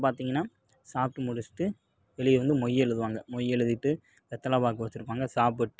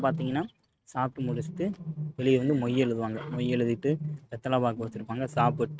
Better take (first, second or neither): first